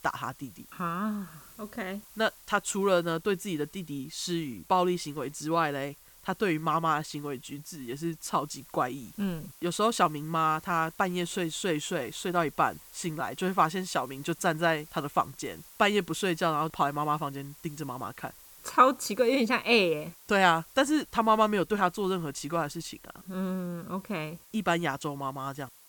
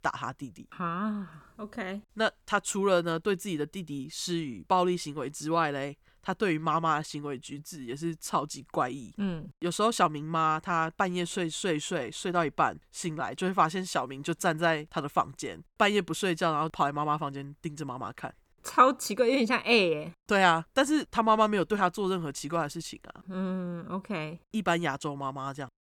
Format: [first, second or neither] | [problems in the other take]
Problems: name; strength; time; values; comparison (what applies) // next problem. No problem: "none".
second | hiss; faint; throughout; 20 dB below the speech